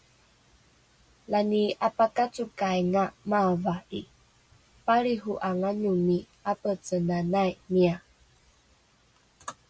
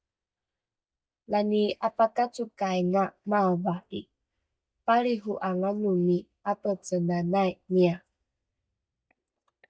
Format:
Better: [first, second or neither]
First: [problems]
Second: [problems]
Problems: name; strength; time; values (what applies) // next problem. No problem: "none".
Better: first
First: none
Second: noise reduction (neural mask model DeepFilterNet 3)